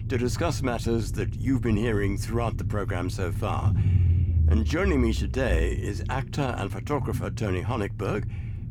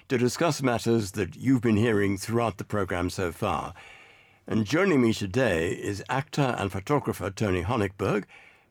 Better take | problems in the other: second | low rumble; noticeable; throughout; 10 dB below the speech

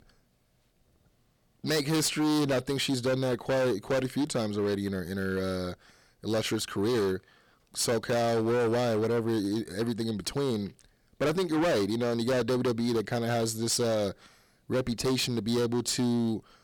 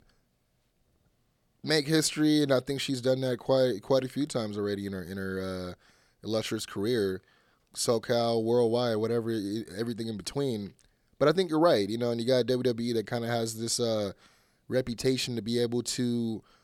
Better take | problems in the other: second | distortion; heavy; 16% of the sound clipped

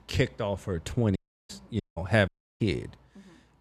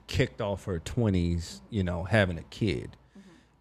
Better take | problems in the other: second | audio cutting out; at 1 s, at 2 s and at 2.5 s

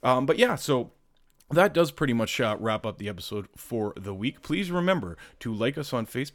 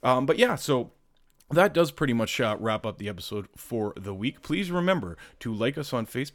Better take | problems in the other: neither | none

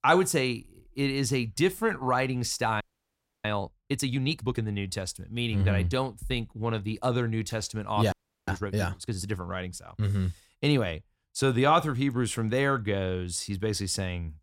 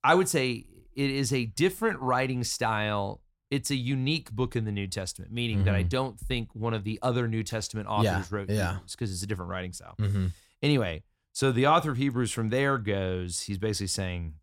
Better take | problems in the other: second | audio freezing; at 3 s for 0.5 s and at 8 s

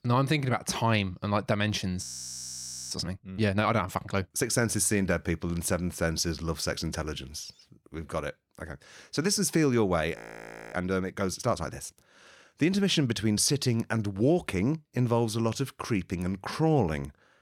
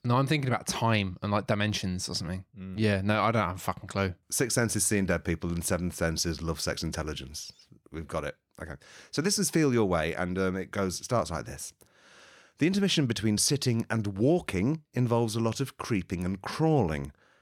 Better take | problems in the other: second | audio freezing; at 2 s for 1 s and at 10 s for 0.5 s

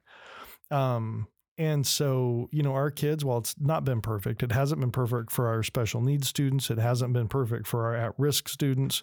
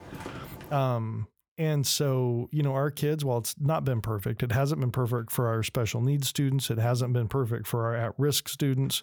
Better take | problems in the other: first | footsteps; faint; at the start; peak 15 dB below the speech

